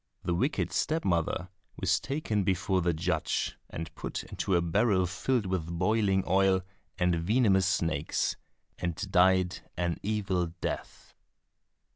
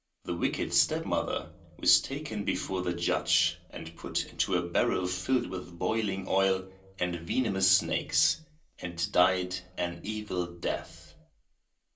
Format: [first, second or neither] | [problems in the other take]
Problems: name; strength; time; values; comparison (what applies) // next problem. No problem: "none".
first | room echo; dies away in 0.3 s